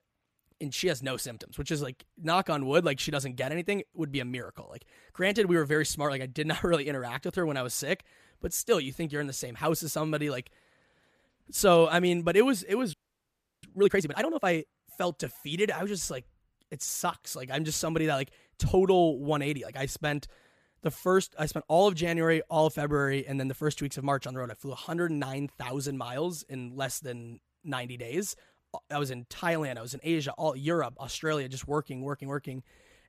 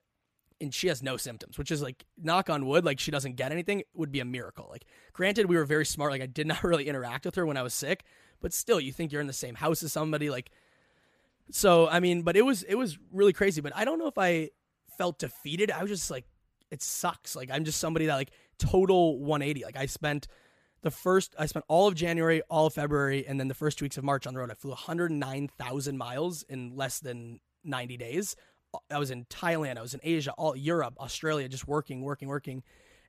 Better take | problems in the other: second | audio freezing; at 13 s for 0.5 s

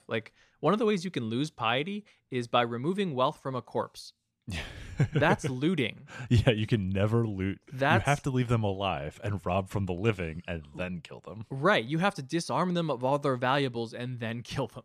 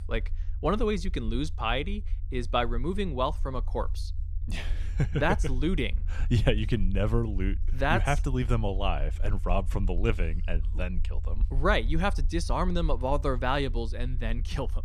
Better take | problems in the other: first | low rumble; faint; throughout; 25 dB below the speech

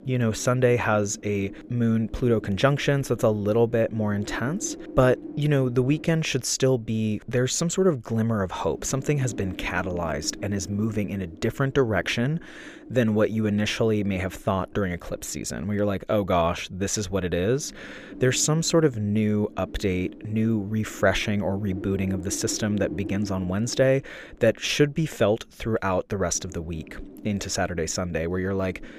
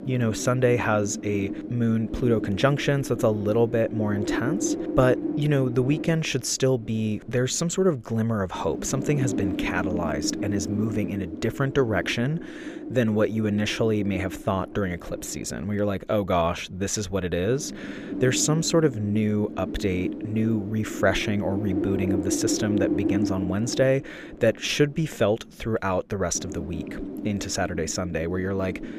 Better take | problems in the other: first | wind noise on the microphone; heavy; 8 dB below the speech; occasional gusts in the first

